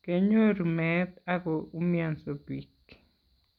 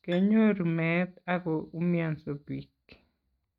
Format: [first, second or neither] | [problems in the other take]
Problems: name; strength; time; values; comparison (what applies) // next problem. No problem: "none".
first | noise reduction (neural mask model RNNoise)